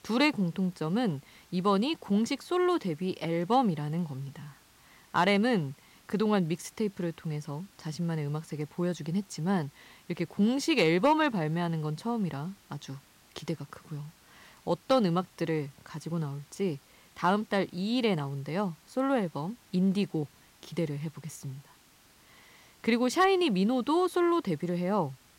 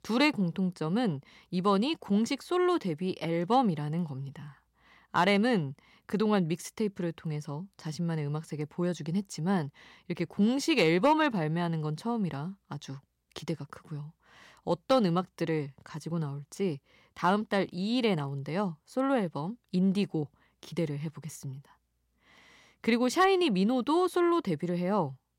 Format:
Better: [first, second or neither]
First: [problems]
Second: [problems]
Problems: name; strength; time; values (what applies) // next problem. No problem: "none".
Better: second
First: hiss; faint; throughout; 30 dB below the speech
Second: none